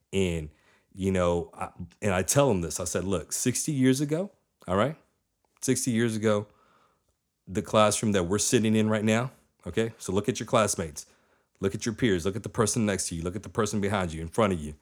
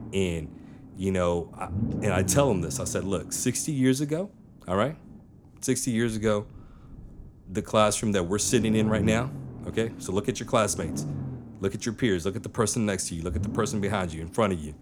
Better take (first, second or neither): first